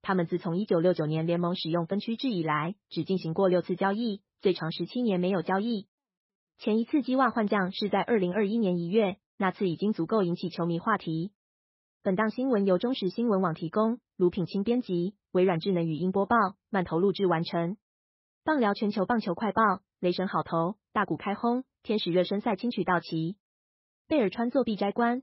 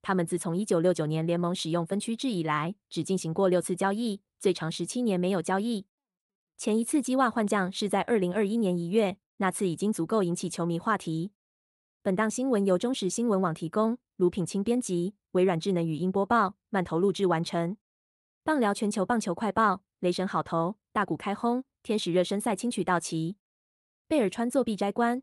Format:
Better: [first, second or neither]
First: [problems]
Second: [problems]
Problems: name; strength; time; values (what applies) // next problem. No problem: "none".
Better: second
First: garbled, watery; badly; nothing above 5.5 kHz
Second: none